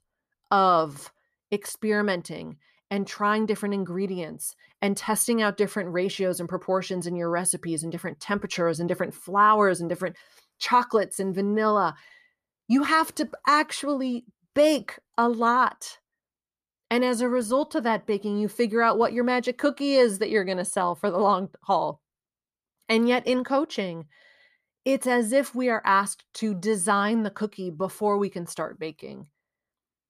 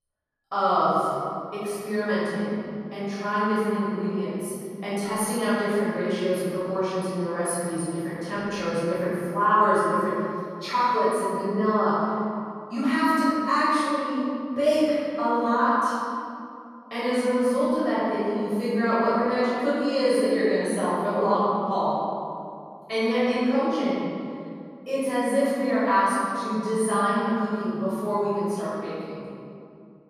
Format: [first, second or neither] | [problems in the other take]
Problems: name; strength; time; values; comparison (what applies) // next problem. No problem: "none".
first | room echo; strong; dies away in 2.4 s // off-mic speech; far